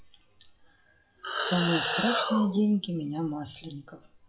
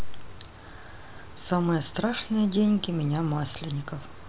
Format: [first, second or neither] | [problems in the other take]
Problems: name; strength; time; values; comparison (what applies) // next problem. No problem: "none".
second | noise reduction (classical method WPE with log-MMSE)